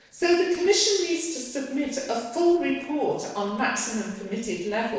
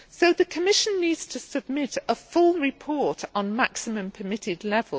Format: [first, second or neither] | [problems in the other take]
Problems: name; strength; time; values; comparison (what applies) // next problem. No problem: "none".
second | noise reduction (neural separator model SepFormer DNS4)